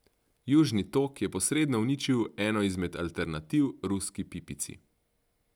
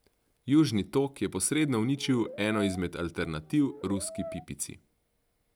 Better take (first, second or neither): first